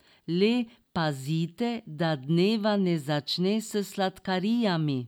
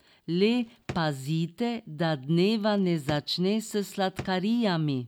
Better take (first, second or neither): first